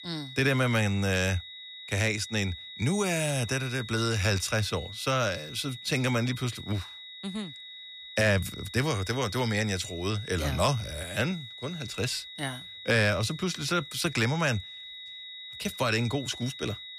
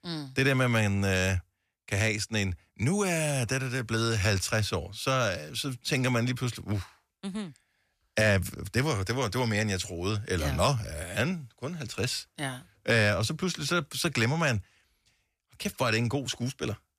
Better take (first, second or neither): second